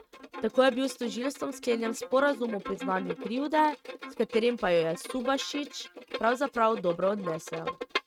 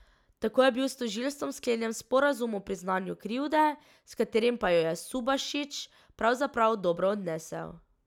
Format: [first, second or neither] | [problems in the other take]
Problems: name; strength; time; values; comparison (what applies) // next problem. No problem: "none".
second | noise reduction (neural mask model RNNoise)